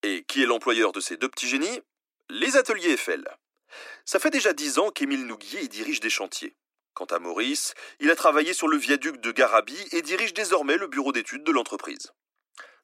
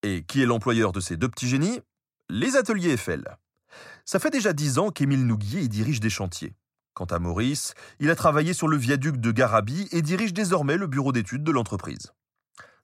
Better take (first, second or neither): second